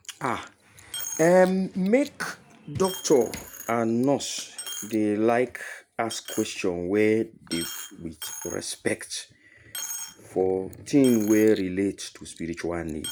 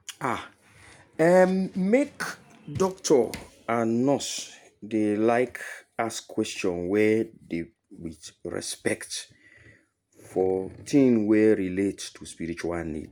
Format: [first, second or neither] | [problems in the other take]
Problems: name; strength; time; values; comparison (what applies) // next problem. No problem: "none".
second | background sound (Coin (dropping)); 15 dB below the speech